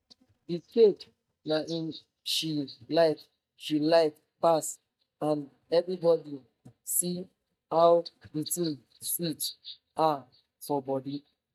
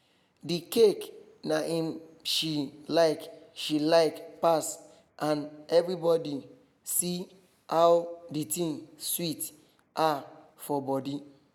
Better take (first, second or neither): second